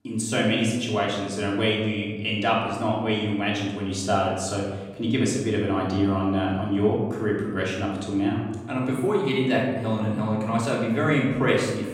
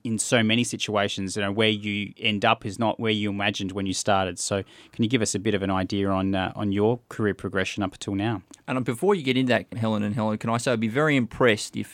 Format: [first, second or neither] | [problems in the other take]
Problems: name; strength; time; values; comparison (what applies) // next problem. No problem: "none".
second | off-mic speech; far // room echo; noticeable; dies away in 1.2 s